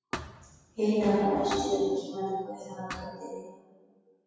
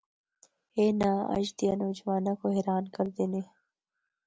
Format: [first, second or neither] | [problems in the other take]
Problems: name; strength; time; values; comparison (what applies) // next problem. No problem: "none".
second | noise reduction (classical method WPE with log-MMSE)